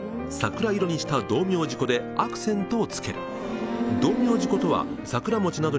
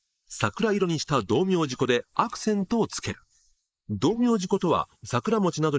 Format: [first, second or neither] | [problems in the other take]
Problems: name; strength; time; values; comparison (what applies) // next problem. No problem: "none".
first | noise reduction (neural mask model Resemble Enhance denoiser)